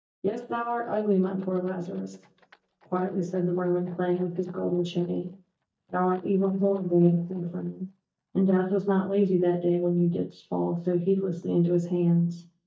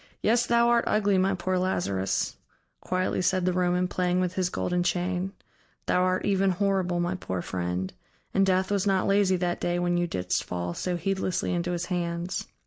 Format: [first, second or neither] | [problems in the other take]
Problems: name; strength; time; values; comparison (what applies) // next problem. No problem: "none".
second | noise reduction (neural mask model DeepFilterNet 3)